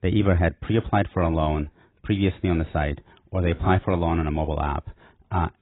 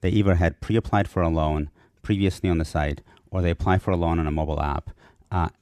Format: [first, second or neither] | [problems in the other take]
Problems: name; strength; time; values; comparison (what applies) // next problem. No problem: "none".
second | garbled, watery; badly; nothing above 3.5 kHz